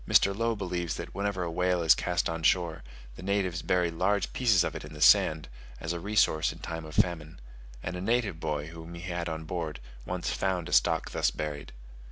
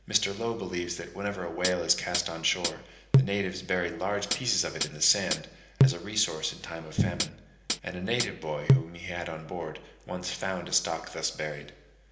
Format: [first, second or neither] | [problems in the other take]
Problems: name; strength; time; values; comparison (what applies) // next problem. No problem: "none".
first | background sound (Hi-hat); 2 dB above the speech // room echo; dies away in 0.8 s